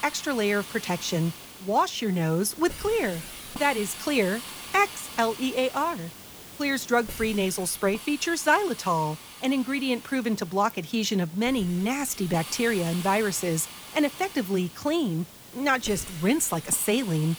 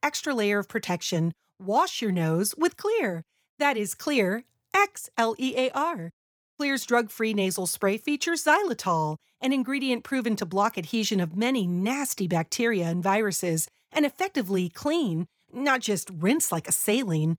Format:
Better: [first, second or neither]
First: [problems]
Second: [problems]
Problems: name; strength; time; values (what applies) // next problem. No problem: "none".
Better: second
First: hiss; noticeable; throughout; 15 dB below the speech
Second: none